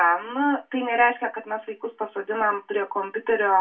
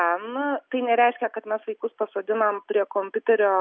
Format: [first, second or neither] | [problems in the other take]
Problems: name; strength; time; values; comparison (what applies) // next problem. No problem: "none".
second | room echo; dies away in 0.2 s